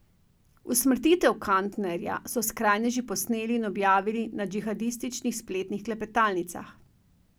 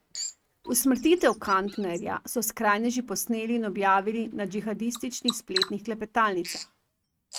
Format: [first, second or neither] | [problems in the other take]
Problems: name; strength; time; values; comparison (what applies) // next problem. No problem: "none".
first | noise reduction (neural mask model RNNoise)